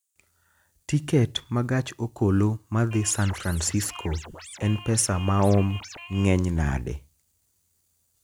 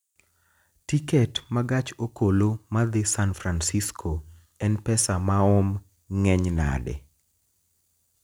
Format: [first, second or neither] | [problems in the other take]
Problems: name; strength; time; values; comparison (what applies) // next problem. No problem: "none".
second | background sound (Scratching (performance technique)); 17 dB below the speech